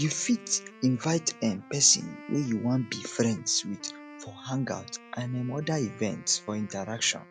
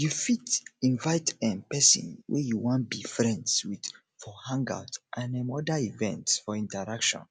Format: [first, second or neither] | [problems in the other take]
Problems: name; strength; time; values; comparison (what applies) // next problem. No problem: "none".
second | background sound (Wind instrument, woodwind instrument); 19 dB below the speech